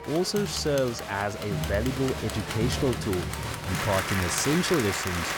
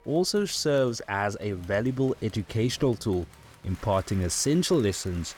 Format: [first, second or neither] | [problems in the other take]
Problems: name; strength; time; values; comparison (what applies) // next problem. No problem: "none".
second | crowd noise; loud; throughout; 3 dB below the speech; faint in the second